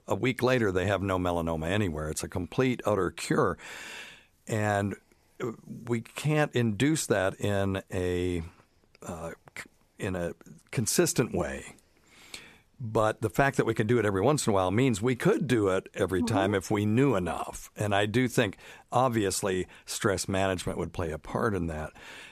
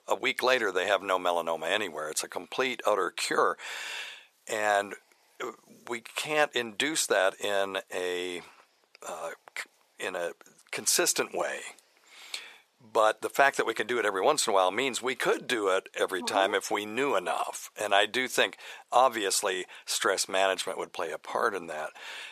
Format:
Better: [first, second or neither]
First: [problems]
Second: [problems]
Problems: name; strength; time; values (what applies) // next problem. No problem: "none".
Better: first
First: none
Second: thin; very; fading below 650 Hz